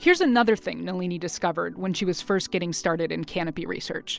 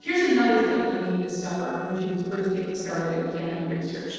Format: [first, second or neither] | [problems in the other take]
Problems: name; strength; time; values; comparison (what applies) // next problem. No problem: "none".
first | noise reduction (neural separator model SepFormer DNS4)